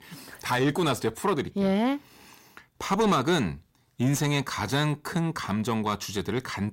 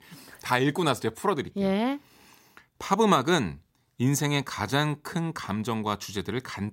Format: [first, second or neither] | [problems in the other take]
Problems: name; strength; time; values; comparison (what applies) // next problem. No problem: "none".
second | distortion; slight; 10 dB below the speech